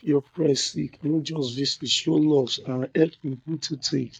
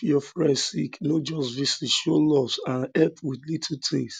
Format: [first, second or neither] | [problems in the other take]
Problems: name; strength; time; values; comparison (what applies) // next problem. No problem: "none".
second | noise reduction (neural mask model DeepFilterNet 3)